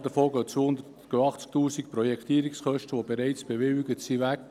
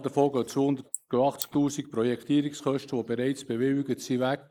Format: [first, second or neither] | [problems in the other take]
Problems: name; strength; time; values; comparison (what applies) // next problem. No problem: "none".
first | noise reduction (neural mask model Resemble Enhance denoiser)